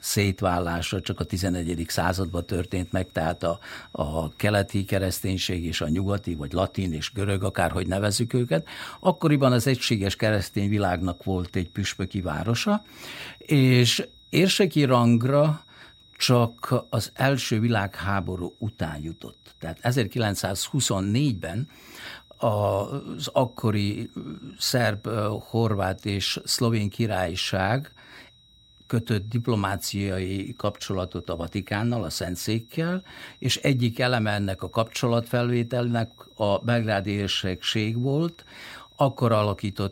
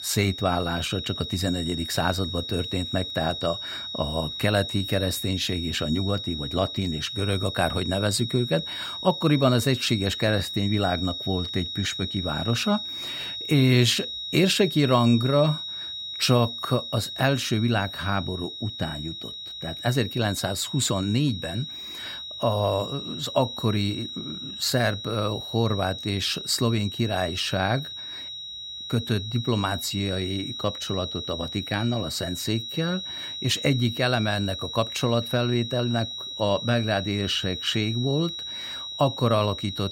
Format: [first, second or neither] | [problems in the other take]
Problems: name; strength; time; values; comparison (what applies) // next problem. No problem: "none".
first | high-pitched whine; loud; throughout; 4 kHz, 7 dB below the speech; faint in the first